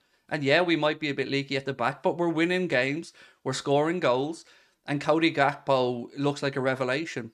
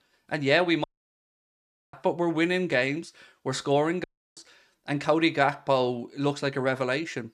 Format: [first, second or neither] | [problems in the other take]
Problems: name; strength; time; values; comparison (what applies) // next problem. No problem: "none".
first | audio cutting out; at 1 s for 1 s and at 4 s